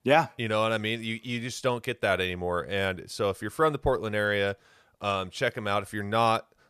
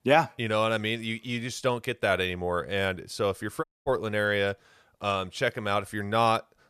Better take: first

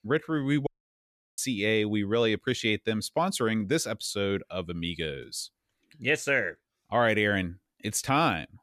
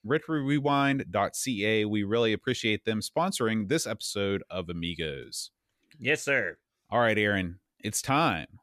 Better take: second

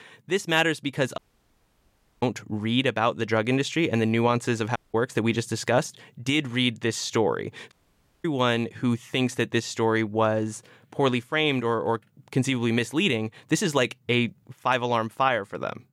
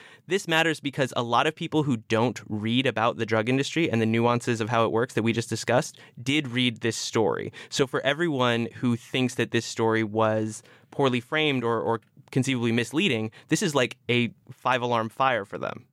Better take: second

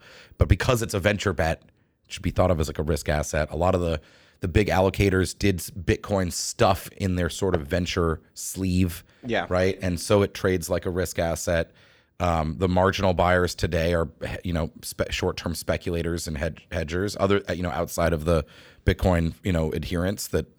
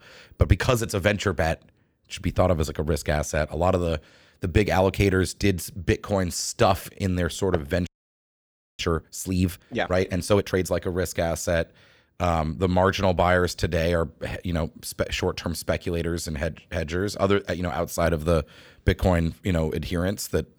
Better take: first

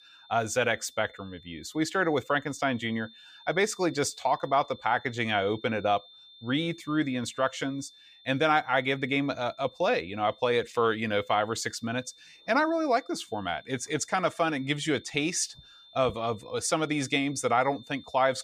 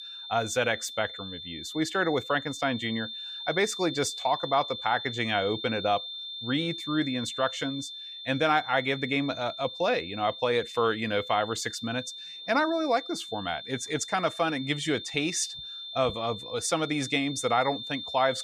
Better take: first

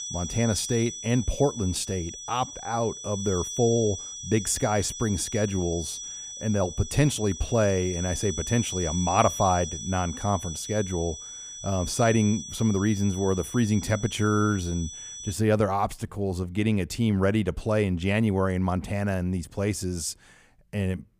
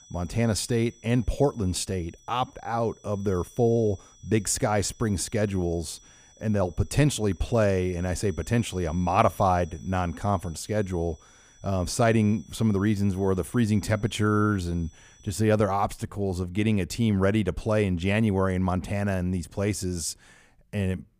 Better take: second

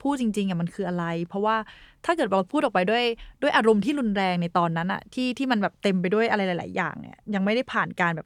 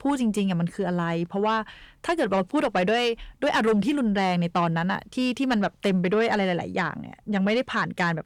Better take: first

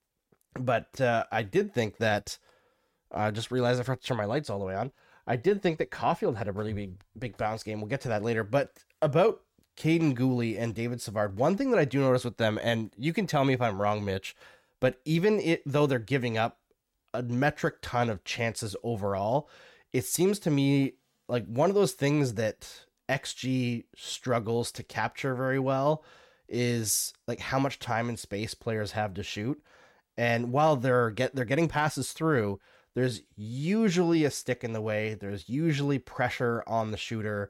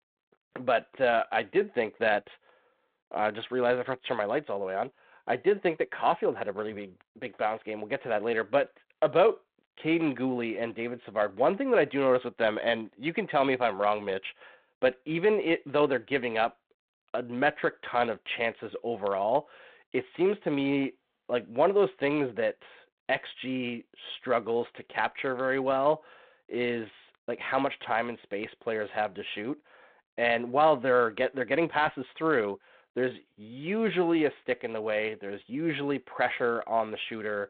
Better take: first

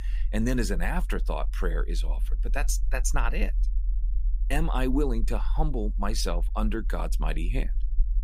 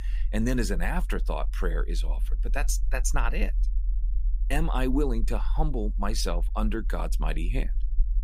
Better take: neither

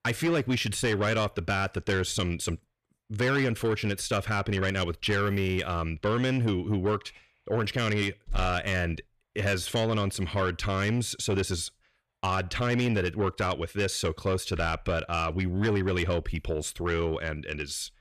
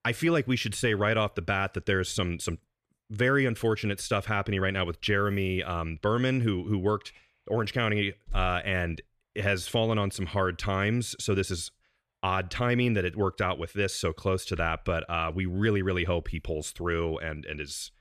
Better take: second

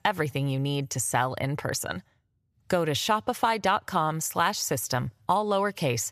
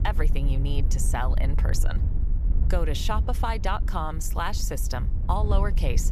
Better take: first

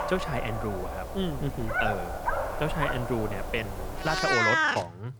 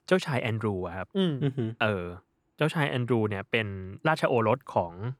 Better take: second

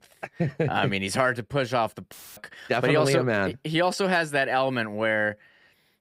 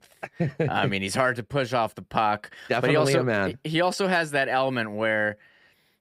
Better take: second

